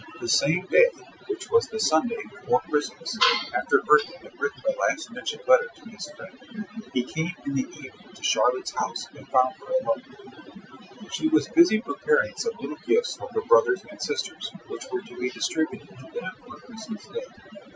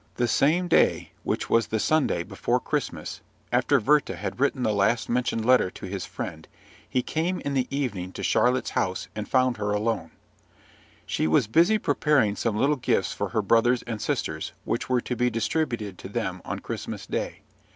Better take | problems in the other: second | noise reduction (classical method Wiener filter)

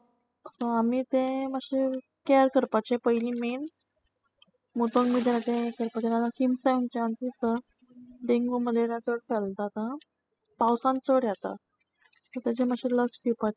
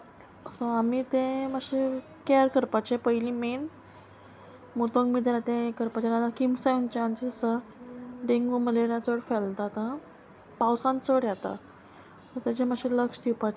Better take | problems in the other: second | noise reduction (classical method spectral subtraction)

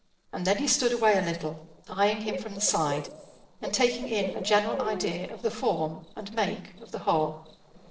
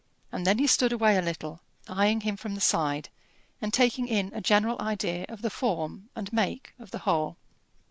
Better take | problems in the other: second | noise reduction (neural separator model SepFormer DNS4)

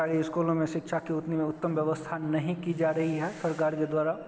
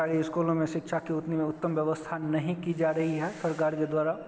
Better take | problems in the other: second | background sound (Guitar); 20 dB below the speech

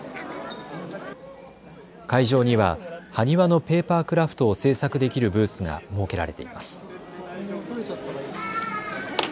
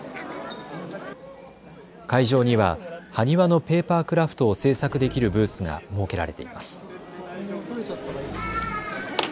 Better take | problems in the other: first | background sound (Dog); 14 dB below the speech

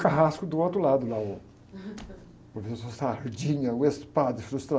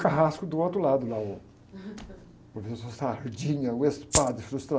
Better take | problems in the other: first | background sound (Rattle (instrument)); as loud as the speech

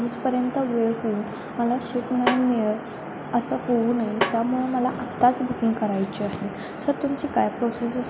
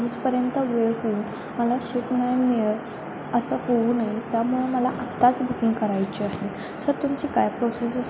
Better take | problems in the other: second | background sound (Snare drum); 8 dB below the speech

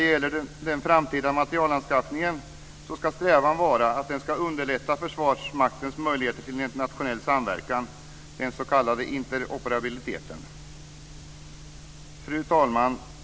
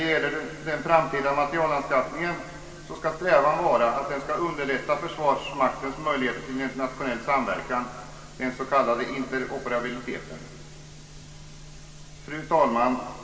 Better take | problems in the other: first | room echo; dies away in 2.1 s

